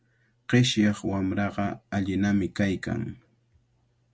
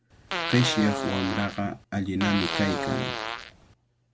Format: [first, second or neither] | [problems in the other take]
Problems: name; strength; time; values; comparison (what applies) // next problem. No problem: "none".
first | background sound (Fart); 3 dB below the speech